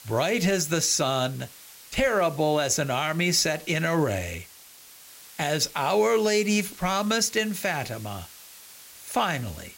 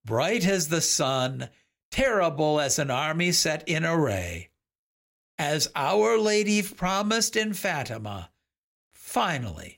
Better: second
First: hiss; noticeable; throughout; 20 dB below the speech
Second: none

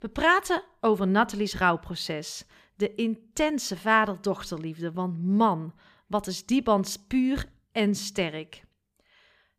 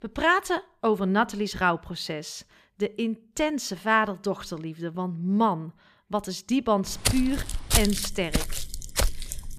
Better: first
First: none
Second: footsteps; loud; from 7 s on; peak 3 dB above the speech

